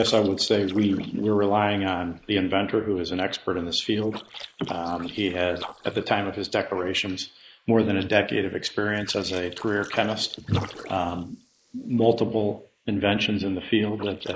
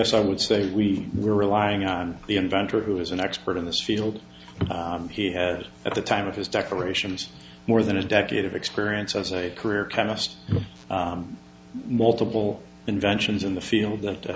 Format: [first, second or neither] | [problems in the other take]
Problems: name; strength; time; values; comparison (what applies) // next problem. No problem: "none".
second | noise reduction (neural mask model Resemble Enhance denoiser)